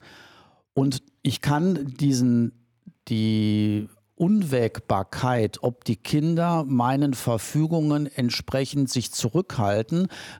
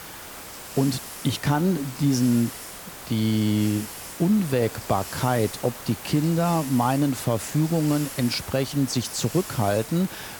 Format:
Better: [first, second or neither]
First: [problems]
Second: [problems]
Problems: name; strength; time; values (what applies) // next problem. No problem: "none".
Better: first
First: none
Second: hiss; noticeable; throughout; 10 dB below the speech